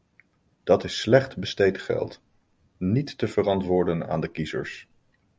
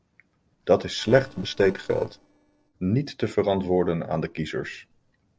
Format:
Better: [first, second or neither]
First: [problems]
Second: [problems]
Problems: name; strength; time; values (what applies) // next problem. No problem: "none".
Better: first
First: none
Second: noise reduction (neural separator model SepFormer DNS4)